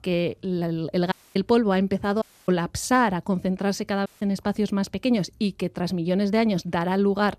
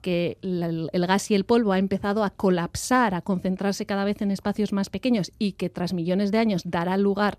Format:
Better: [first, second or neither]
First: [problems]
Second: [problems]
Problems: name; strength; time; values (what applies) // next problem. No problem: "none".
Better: second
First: audio cutting out; at 1 s, at 2 s and at 4 s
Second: none